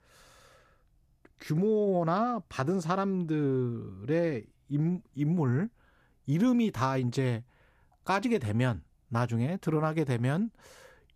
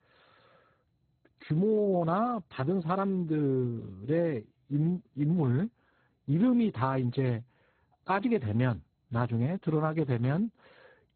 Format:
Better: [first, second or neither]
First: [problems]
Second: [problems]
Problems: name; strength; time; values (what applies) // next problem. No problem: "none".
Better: first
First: none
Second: garbled, watery; badly; nothing above 4 kHz